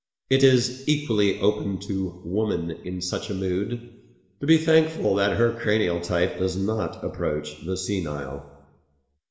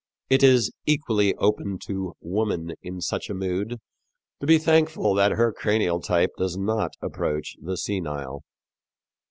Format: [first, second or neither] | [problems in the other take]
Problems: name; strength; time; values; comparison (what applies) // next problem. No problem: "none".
second | room echo; dies away in 1 s